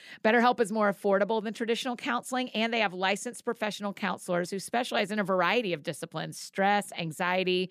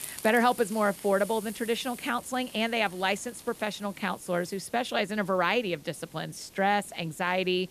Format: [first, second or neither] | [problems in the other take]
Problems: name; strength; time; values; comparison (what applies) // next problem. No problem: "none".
first | hiss; noticeable; throughout; 15 dB below the speech